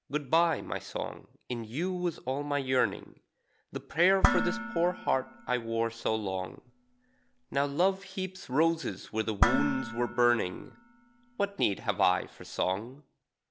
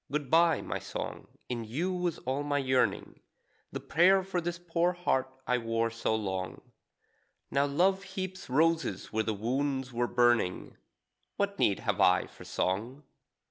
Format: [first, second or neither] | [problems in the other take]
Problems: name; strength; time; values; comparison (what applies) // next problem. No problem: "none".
second | background sound (Dishes, pots, and pans); 4 dB below the speech